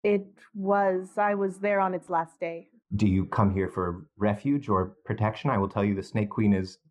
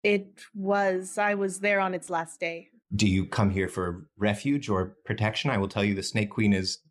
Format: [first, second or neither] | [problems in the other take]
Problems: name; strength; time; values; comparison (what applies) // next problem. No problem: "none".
second | muffled; very; fading above 2 kHz